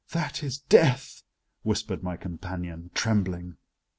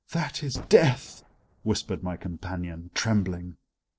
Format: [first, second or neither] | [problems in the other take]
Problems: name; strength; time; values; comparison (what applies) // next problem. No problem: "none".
first | noise reduction (neural separator model SepFormer DNS4)